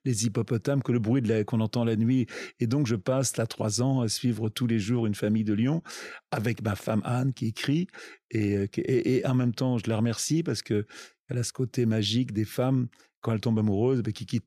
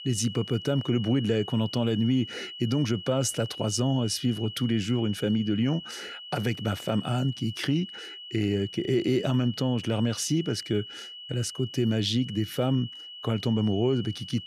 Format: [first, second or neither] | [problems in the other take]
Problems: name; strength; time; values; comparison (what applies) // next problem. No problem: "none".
first | high-pitched whine; noticeable; throughout; 3 kHz, 10 dB below the speech